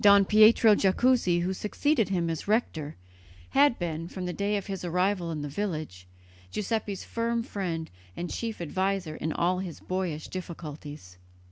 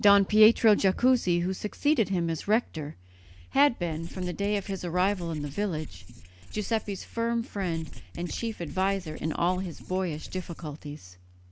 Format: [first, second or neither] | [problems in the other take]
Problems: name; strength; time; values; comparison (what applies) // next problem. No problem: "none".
first | background sound (Writing); 12 dB below the speech